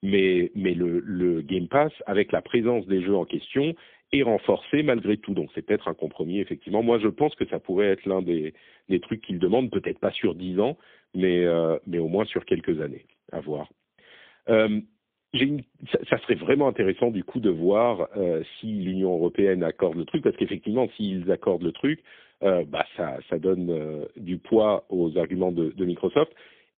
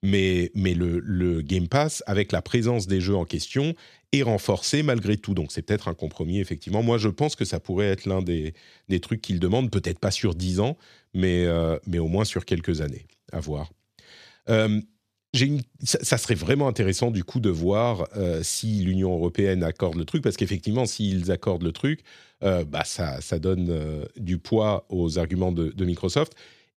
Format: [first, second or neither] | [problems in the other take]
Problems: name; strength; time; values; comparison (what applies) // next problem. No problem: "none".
second | phone-call audio; poor line; nothing above 3.5 kHz